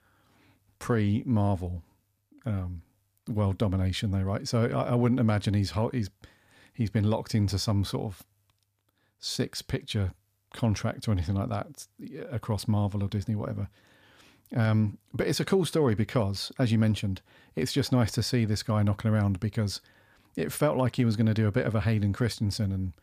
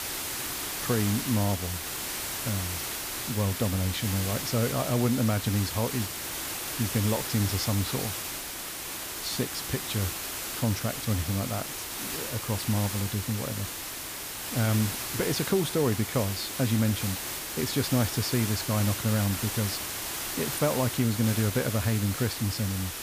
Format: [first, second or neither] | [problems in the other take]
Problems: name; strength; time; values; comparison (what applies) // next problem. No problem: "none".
first | hiss; loud; throughout; 3 dB below the speech